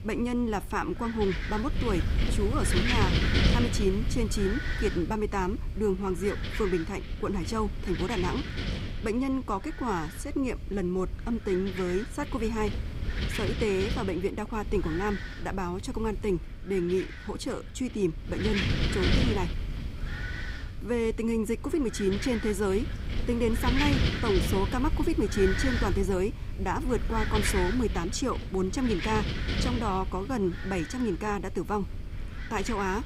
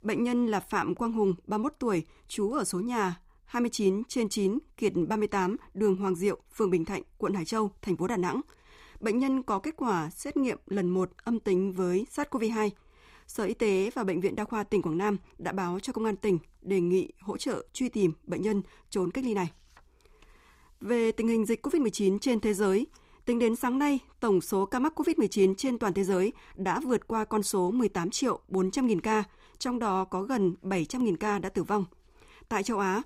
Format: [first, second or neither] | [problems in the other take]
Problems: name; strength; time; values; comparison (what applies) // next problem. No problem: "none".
second | wind noise on the microphone; heavy; 3 dB below the speech